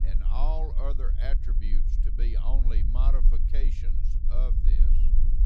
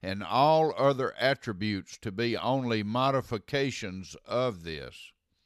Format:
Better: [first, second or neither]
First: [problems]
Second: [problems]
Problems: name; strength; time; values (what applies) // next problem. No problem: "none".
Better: second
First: low rumble; loud; throughout; 8 dB below the speech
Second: none